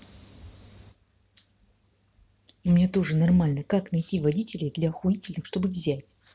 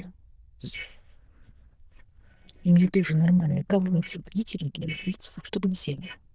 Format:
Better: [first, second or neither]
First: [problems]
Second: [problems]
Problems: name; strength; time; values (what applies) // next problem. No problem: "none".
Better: first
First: none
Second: noise reduction (neural diffusion model UNIVERSE++)